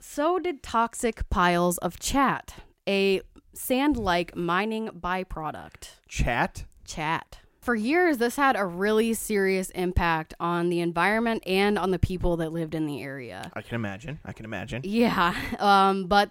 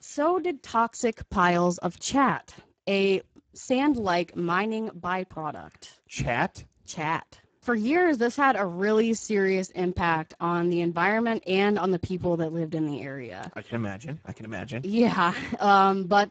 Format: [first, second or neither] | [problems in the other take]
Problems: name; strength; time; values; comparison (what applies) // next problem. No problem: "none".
first | garbled, watery; badly; nothing above 7.5 kHz